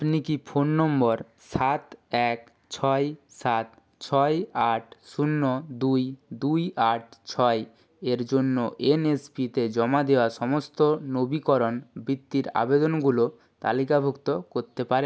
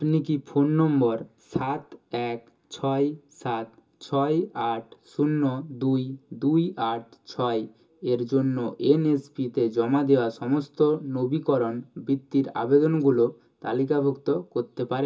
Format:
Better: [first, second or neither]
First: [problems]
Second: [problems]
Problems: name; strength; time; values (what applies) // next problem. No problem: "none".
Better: first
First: none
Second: room echo; dies away in 0.2 s